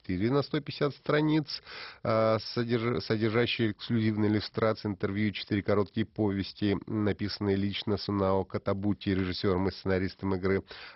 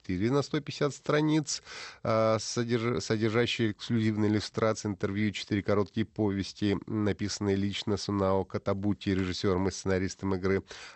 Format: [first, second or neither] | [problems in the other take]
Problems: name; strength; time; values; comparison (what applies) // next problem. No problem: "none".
second | garbled, watery; badly; nothing above 5.5 kHz; slightly in the second